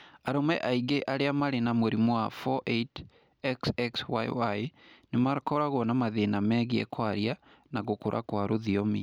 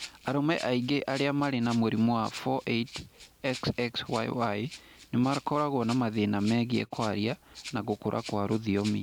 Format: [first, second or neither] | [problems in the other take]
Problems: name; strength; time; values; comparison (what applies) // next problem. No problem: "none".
first | background sound (Rattle (instrument)); 19 dB below the speech